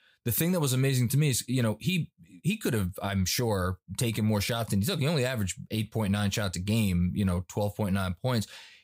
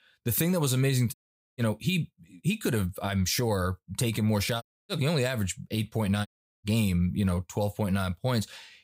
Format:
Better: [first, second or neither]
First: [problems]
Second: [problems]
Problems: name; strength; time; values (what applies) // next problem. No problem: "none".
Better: first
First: none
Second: audio cutting out; at 1 s, at 4.5 s and at 6.5 s